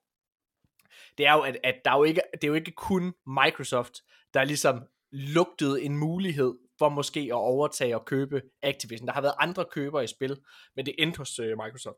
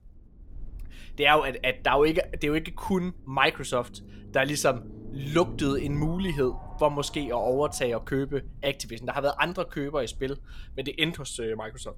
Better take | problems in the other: first | low rumble; faint; throughout; 20 dB below the speech

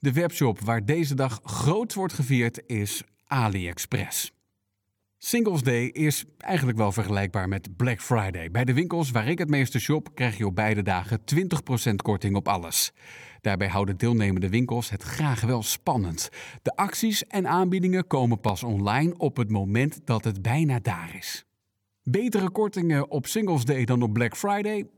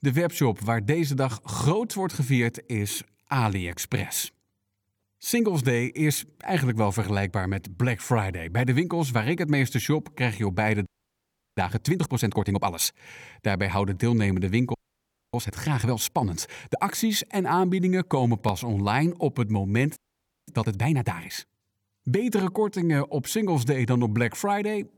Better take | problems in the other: first | audio freezing; at 11 s for 0.5 s, at 15 s for 0.5 s and at 20 s for 0.5 s

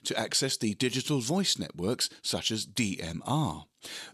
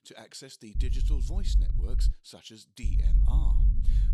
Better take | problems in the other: first | low rumble; loud; from 1 to 2 s and from 3 s on; 4 dB below the speech

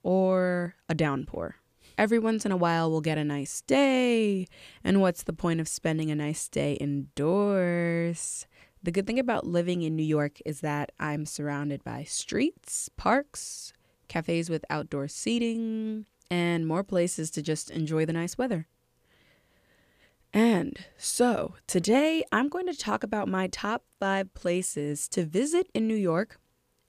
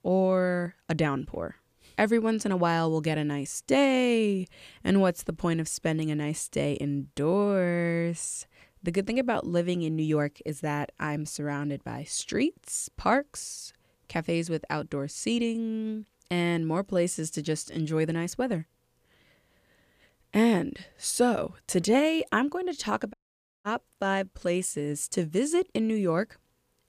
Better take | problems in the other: first | audio cutting out; at 23 s for 0.5 s

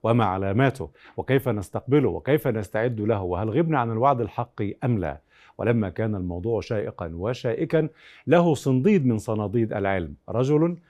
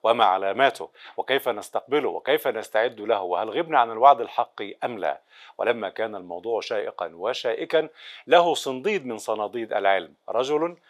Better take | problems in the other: first | thin; very; fading below 650 Hz

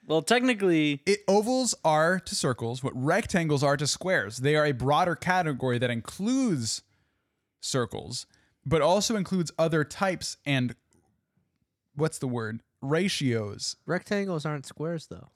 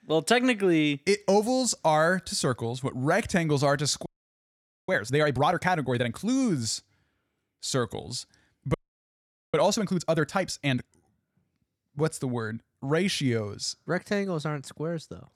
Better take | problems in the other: first | audio freezing; at 4 s for 1 s and at 8.5 s for 1 s

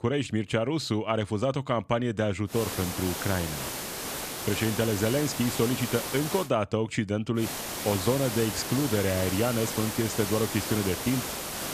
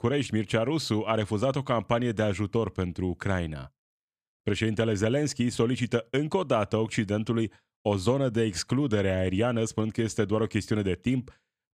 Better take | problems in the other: second | hiss; loud; from 2.5 to 6.5 s and from 7.5 s on; 4 dB below the speech

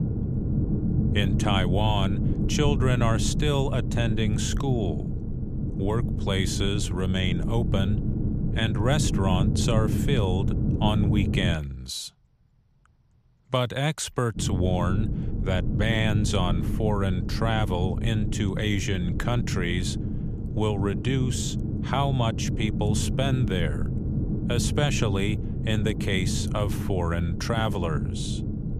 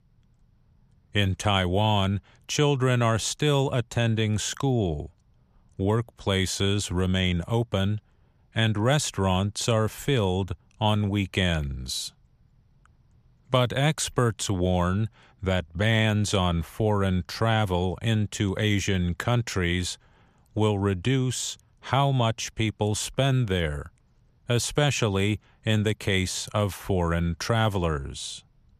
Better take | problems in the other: second | low rumble; loud; until 12 s and from 14 s on; 7 dB below the speech

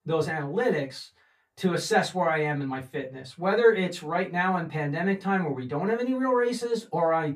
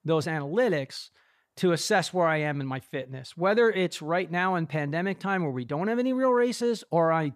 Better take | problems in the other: second | off-mic speech; far // room echo; very slight; dies away in 0.2 s

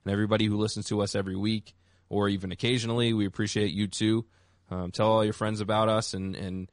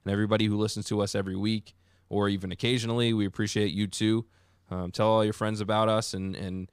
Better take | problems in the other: second | garbled, watery; slightly; nothing above 10 kHz

